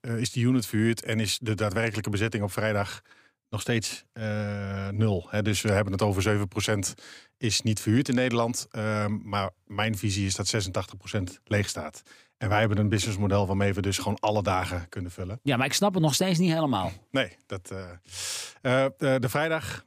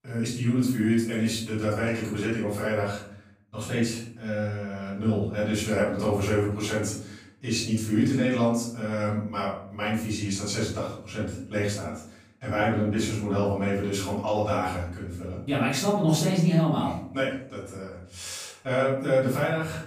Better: first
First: none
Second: off-mic speech; far // room echo; noticeable; dies away in 0.5 s

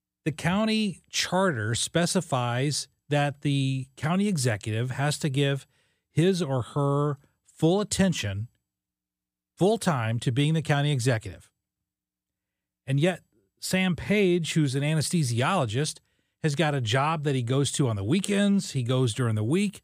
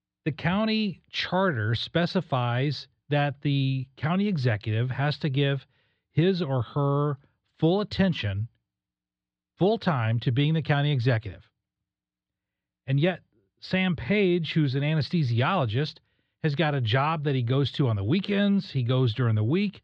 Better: first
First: none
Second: muffled; very slightly; fading above 4 kHz

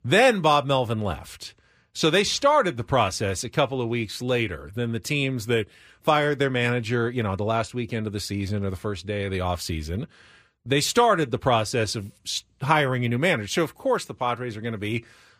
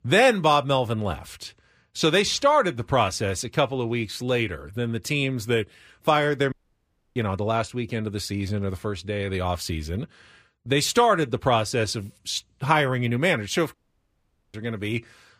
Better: first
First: none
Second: audio cutting out; at 6.5 s for 0.5 s and at 14 s for 1 s

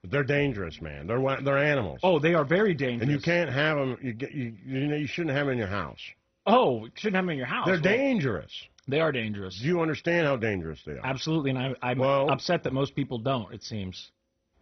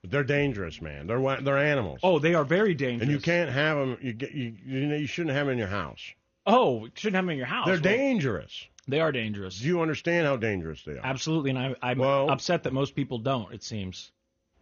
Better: second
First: garbled, watery; badly; nothing above 6 kHz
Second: garbled, watery; slightly; nothing above 6.5 kHz

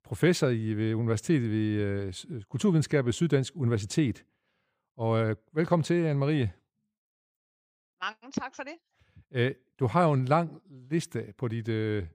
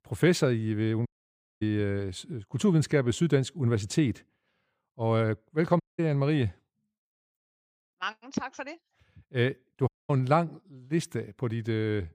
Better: first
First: none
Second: audio cutting out; at 1 s for 0.5 s, at 6 s and at 10 s

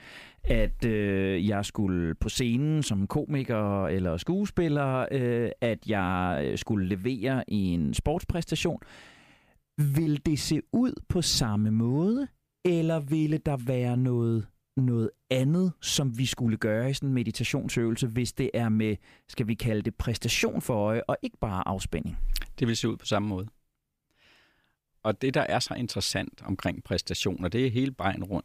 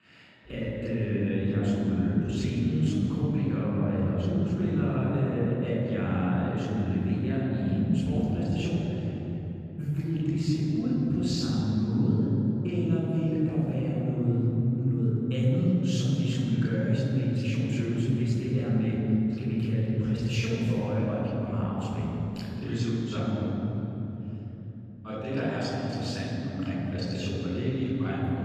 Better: first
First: none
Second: room echo; strong; dies away in 3 s // off-mic speech; far

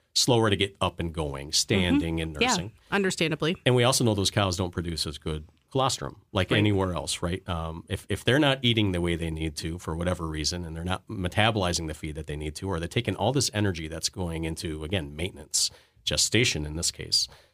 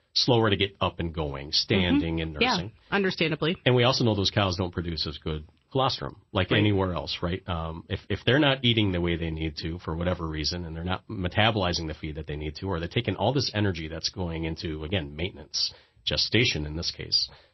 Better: first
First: none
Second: garbled, watery; slightly; nothing above 5.5 kHz

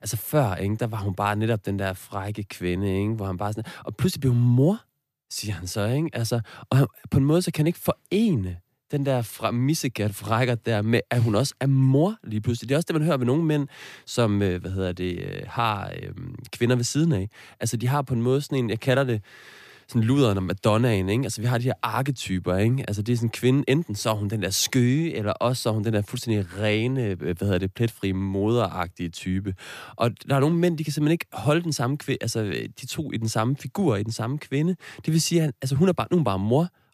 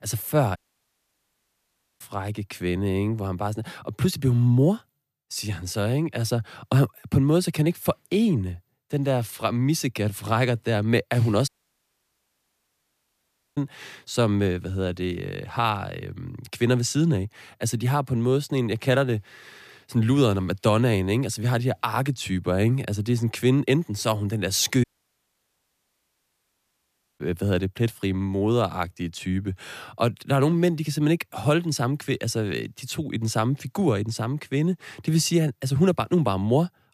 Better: first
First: none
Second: audio cutting out; at 0.5 s for 1.5 s, at 11 s for 2 s and at 25 s for 2.5 s

